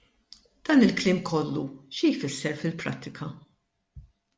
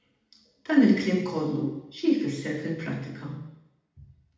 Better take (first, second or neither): first